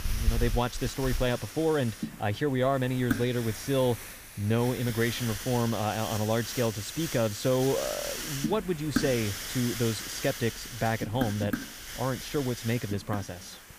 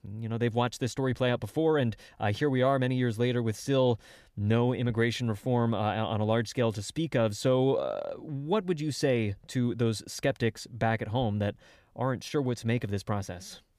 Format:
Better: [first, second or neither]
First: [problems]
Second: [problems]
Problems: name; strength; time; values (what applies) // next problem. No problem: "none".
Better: second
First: hiss; loud; throughout; 6 dB below the speech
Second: none